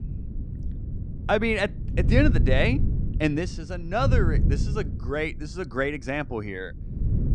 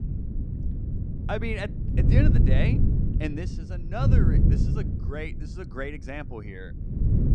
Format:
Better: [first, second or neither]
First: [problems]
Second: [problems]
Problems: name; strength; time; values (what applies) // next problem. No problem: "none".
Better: first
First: wind noise on the microphone; occasional gusts; 10 dB below the speech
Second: wind noise on the microphone; heavy; 2 dB below the speech